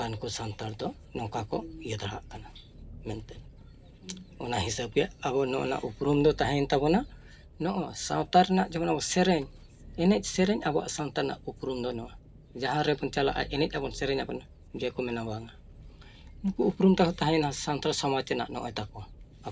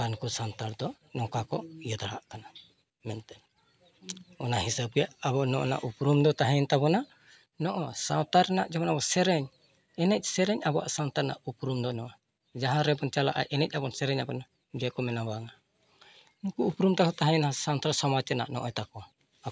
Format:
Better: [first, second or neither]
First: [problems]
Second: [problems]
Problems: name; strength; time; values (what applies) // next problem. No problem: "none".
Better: second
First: background sound (Engine); 18 dB below the speech // room echo; dies away in 0.3 s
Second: none